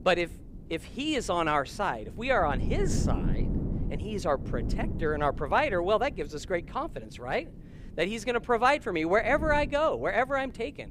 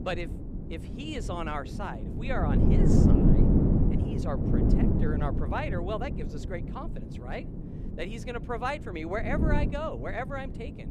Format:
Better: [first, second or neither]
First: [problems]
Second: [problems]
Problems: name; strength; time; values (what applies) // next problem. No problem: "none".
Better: first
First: wind noise on the microphone; occasional gusts; 15 dB below the speech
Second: wind noise on the microphone; heavy; as loud as the speech